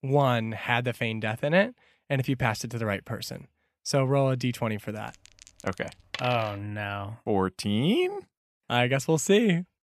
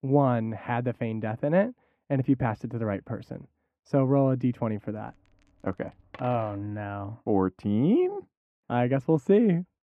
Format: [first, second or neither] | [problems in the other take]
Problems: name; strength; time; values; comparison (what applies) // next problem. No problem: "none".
first | muffled; very; fading above 2.5 kHz